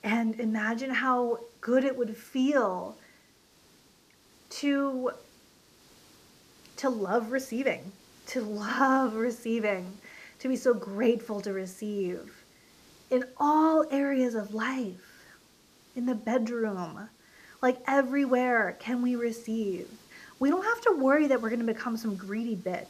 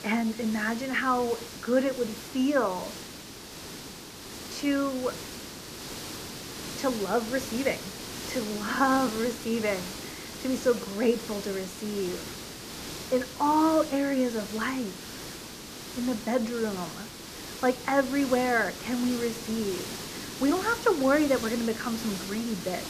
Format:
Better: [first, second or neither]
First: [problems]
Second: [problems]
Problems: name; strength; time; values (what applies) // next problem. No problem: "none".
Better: first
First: hiss; faint; throughout; 30 dB below the speech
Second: hiss; loud; throughout; 10 dB below the speech